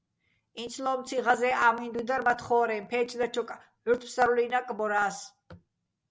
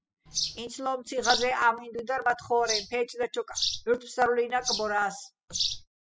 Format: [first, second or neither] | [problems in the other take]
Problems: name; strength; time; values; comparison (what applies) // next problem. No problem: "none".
first | noise reduction (classical method spectral subtraction)